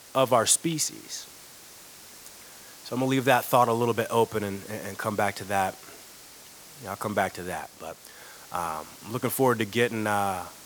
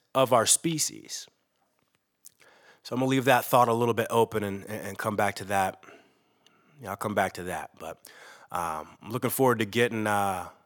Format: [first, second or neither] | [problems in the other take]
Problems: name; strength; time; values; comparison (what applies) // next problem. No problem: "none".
second | hiss; noticeable; throughout; 20 dB below the speech